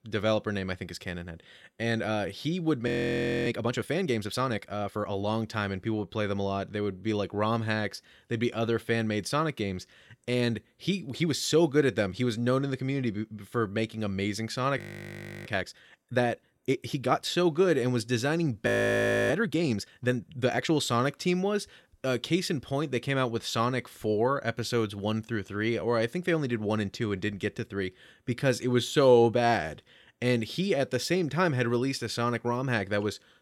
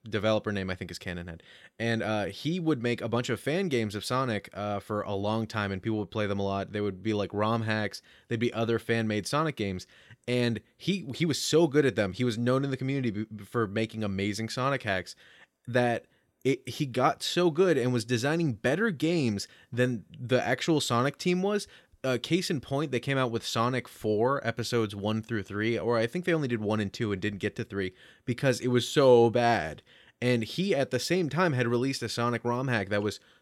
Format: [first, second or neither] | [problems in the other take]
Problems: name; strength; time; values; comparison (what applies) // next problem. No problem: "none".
second | audio freezing; at 3 s for 0.5 s, at 15 s for 0.5 s and at 19 s for 0.5 s